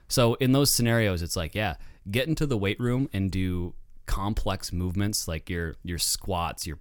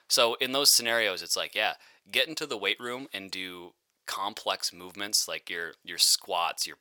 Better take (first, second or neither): first